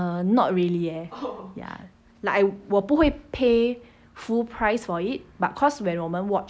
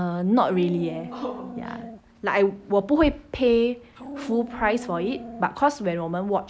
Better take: first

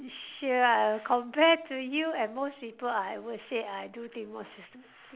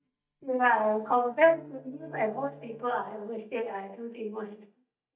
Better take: first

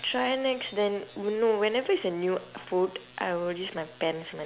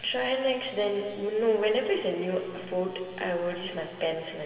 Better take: first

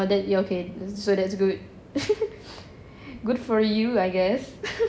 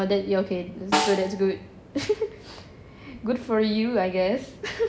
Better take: first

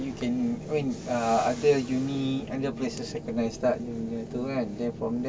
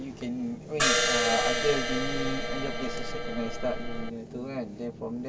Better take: first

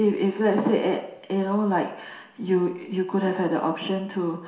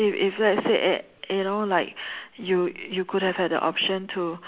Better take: second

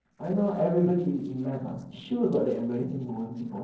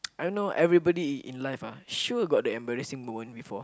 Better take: second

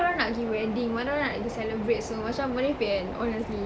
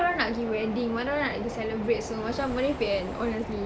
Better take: first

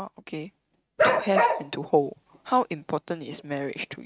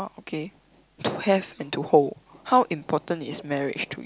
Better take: second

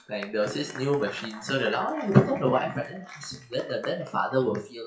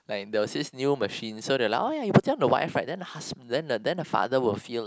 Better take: second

